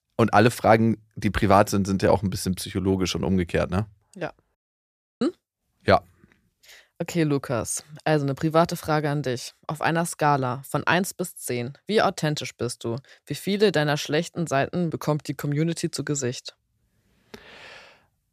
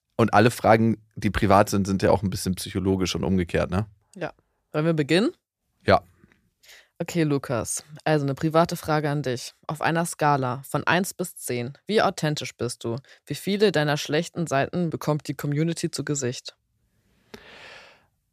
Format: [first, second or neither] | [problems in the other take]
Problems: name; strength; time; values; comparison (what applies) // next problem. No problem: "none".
second | audio cutting out; at 4.5 s for 0.5 s